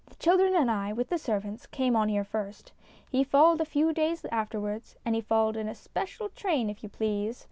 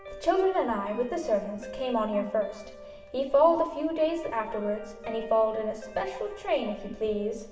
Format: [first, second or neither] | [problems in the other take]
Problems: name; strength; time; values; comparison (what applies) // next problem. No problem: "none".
first | background sound (Guitar); 16 dB below the speech // room echo; dies away in 1.1 s